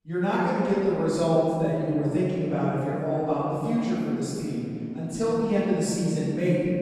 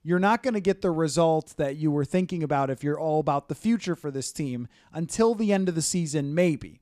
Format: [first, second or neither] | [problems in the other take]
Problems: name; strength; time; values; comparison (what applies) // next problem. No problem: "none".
second | off-mic speech; far // room echo; strong; dies away in 3 s